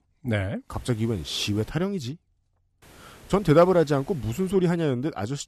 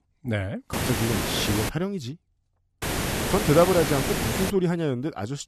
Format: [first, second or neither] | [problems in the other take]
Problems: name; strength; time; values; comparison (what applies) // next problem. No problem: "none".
first | hiss; loud; at 0.5 s and from 3 to 4.5 s; 2 dB below the speech; faint in the first